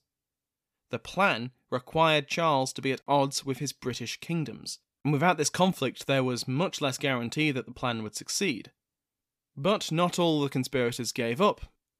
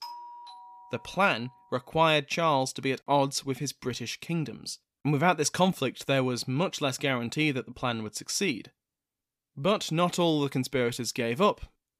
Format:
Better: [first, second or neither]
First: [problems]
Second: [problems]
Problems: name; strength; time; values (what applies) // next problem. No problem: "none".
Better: first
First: none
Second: doorbell; faint; until 1.5 s; peak 15 dB below the speech